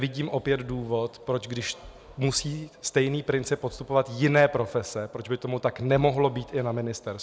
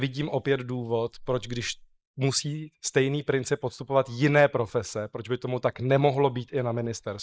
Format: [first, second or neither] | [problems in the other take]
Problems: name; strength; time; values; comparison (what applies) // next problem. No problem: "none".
first | noise reduction (neural mask model Resemble Enhance denoiser)